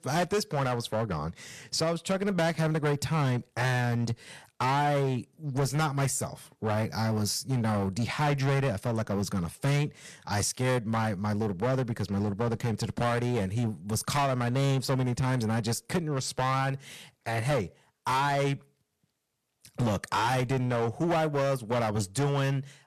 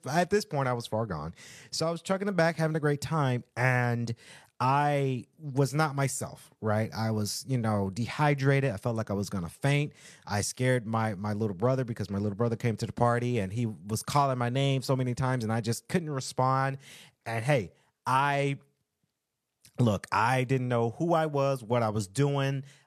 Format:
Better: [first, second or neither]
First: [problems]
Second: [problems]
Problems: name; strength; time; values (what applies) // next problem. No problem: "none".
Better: second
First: distortion; heavy; 14% of the sound clipped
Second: none